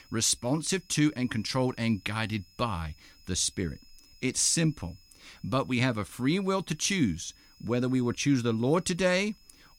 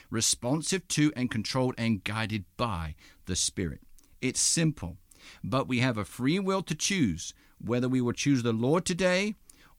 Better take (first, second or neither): second